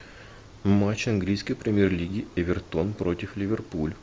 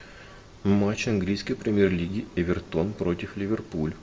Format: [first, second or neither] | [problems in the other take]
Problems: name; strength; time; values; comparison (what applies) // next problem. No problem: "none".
first | room echo; dies away in 1.4 s